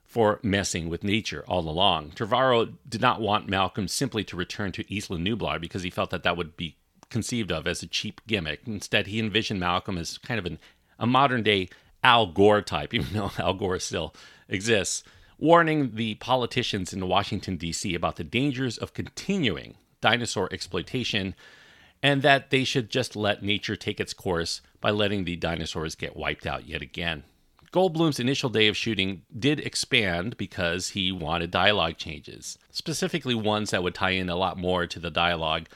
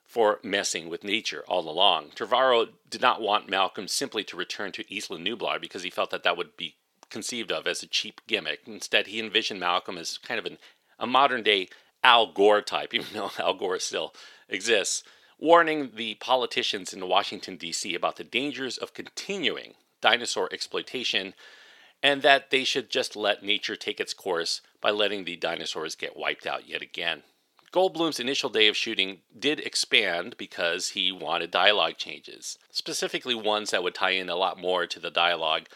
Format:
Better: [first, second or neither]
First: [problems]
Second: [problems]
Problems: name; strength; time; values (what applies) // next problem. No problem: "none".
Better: first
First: none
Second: thin; somewhat; fading below 450 Hz